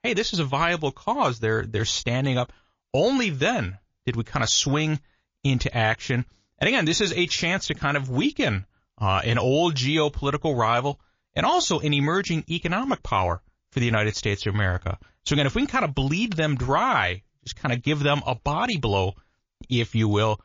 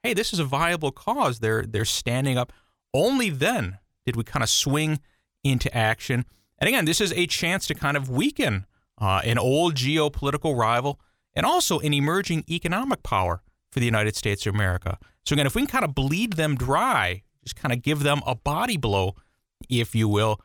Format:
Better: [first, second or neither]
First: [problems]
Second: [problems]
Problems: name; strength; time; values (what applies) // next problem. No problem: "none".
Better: second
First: garbled, watery; slightly; nothing above 6.5 kHz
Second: none